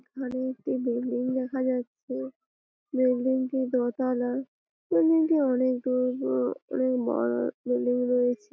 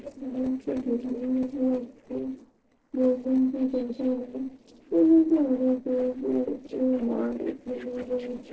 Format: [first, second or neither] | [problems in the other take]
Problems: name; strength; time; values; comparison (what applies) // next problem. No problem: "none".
first | noise reduction (neural separator model SepFormer DNS4)